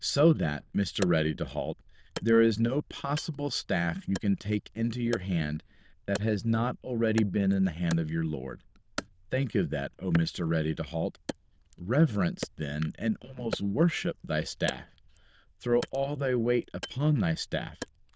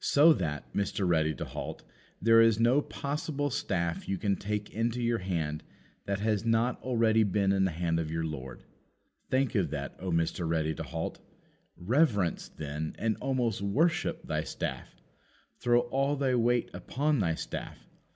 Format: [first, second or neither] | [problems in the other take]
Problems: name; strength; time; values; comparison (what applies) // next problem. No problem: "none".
second | noise reduction (neural diffusion model UNIVERSE++)